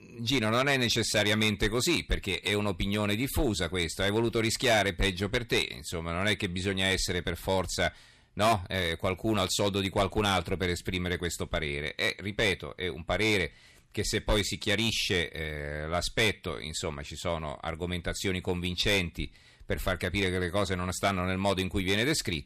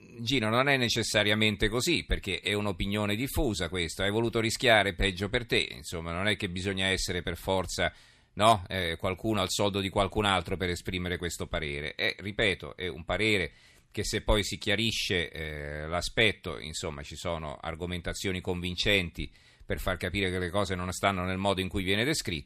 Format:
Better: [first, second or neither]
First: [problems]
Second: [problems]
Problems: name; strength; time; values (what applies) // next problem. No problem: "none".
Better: second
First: distortion; slight; 3% of the sound clipped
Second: none